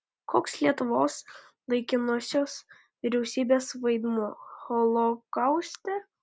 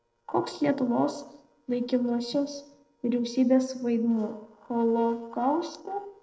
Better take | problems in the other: first | noise reduction (neural separator model SepFormer DNS4)

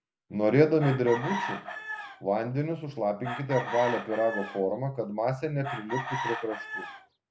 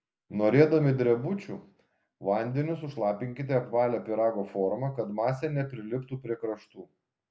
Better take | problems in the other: second | background sound (Chicken, rooster); 9 dB below the speech

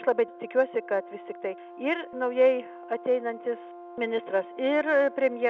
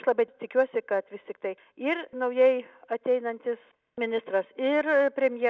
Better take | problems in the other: second | background sound (Brass instrument); 16 dB below the speech

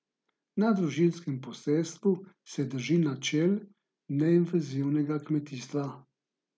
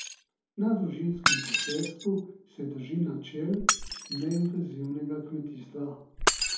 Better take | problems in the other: first | background sound (Shatter); 1 dB below the speech // room echo; dies away in 0.6 s

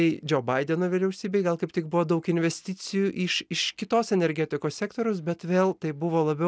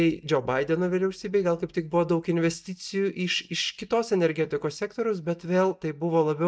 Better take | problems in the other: first | noise reduction (neural mask model DeepFilterNet 3)

